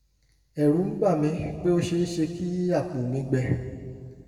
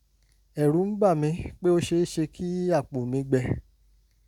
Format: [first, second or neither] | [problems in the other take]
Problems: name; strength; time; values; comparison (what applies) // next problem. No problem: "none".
second | room echo; dies away in 1.7 s